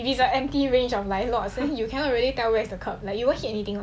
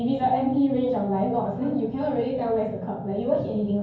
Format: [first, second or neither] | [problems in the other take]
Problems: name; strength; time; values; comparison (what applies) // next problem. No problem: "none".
first | room echo; dies away in 0.9 s